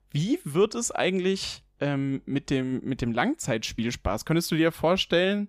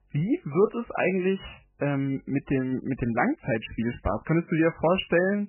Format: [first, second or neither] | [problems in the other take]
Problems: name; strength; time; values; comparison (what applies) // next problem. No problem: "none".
first | garbled, watery; badly; nothing above 3 kHz